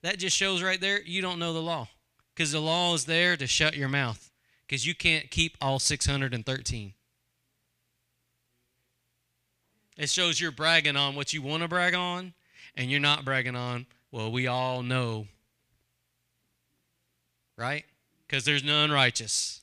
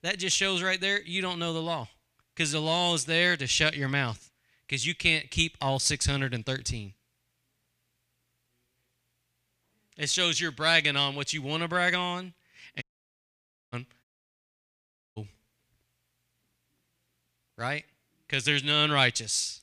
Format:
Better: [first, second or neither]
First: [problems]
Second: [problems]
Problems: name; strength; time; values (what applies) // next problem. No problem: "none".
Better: first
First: none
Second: audio cutting out; at 13 s for 1 s and at 14 s for 1 s